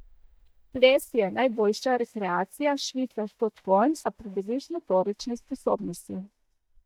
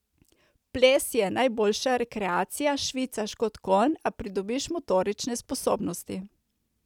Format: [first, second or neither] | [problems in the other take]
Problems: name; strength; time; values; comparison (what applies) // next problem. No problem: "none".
second | noise reduction (neural mask model DeepFilterNet 3)